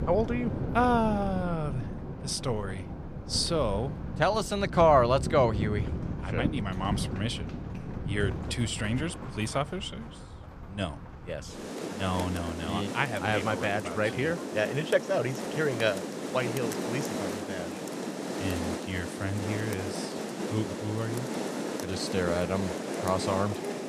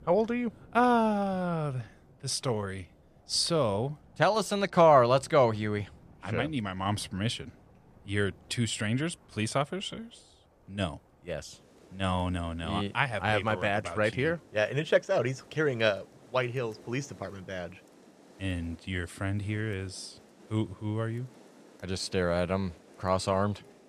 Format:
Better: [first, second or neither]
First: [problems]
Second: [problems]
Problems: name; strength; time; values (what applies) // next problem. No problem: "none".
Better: second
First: rain or running water; loud; throughout; 5 dB below the speech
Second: rain or running water; faint; throughout; 25 dB below the speech